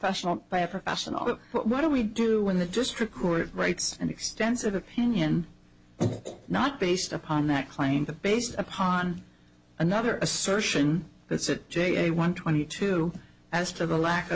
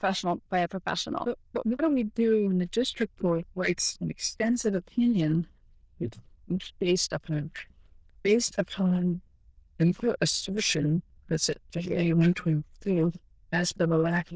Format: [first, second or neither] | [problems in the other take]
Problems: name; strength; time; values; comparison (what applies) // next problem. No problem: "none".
first | noise reduction (neural diffusion model UNIVERSE++)